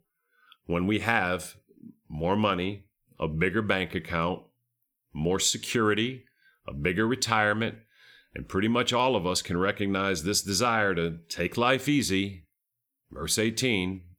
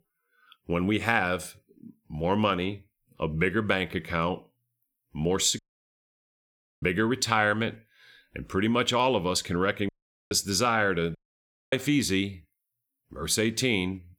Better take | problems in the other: first | audio cutting out; at 5.5 s for 1 s, at 10 s and at 11 s for 0.5 s

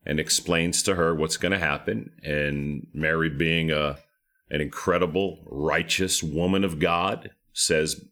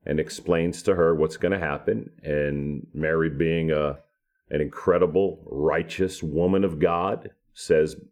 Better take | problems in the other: first | muffled; very; fading above 2 kHz

